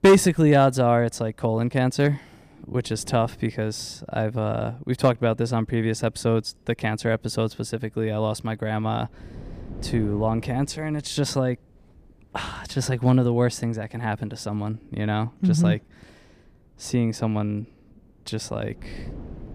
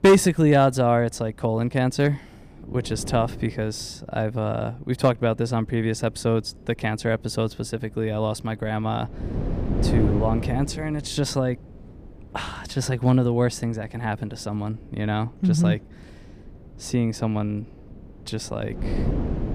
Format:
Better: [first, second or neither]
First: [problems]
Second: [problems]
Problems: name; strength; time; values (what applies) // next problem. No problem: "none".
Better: first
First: wind noise on the microphone; occasional gusts; 20 dB below the speech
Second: wind noise on the microphone; heavy; 9 dB below the speech